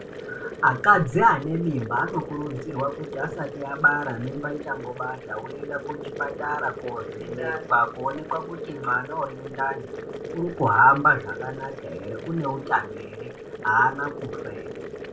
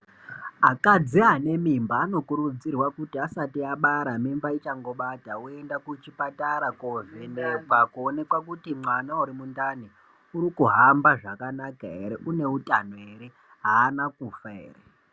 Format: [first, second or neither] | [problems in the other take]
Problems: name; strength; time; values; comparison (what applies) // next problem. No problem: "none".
second | background sound (Boiling); 10 dB below the speech // room echo; dies away in 0.2 s